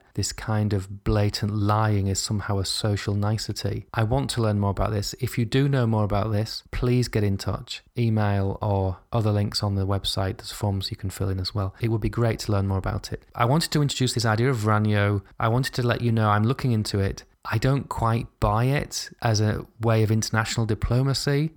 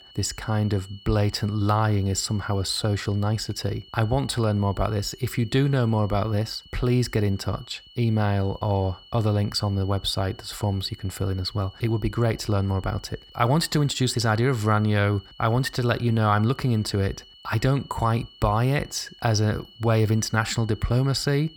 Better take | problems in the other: first | high-pitched whine; faint; throughout; 3 kHz, 25 dB below the speech

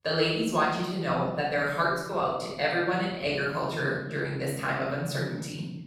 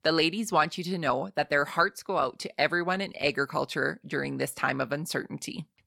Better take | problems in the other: second | room echo; noticeable; dies away in 1.8 s // off-mic speech; far

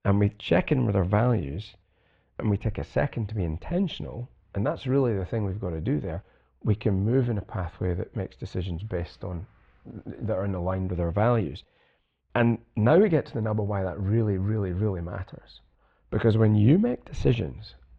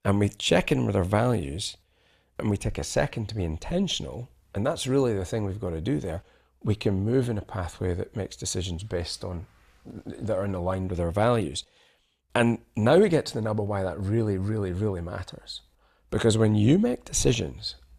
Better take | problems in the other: second | muffled; very; fading above 2.5 kHz

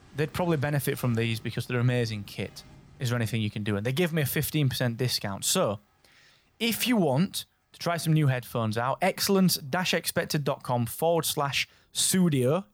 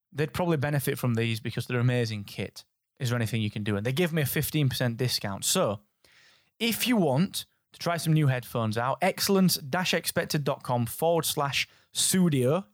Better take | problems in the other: second | rain or running water; faint; throughout; 30 dB below the speech

